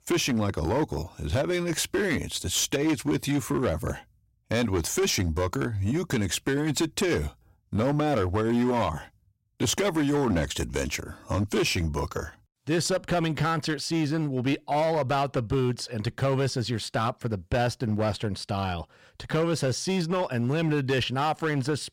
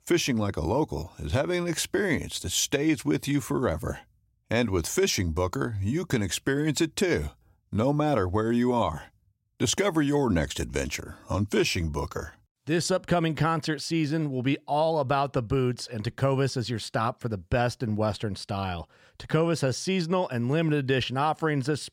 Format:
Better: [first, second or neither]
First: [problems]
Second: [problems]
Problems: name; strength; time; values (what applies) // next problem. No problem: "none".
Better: second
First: distortion; slight; 11% of the sound clipped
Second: none